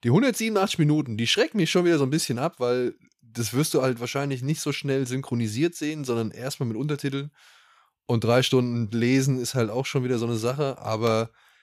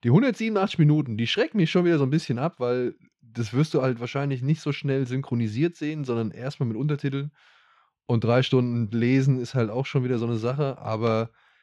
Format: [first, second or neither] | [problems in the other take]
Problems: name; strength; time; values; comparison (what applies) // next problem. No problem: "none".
first | muffled; slightly; fading above 3.5 kHz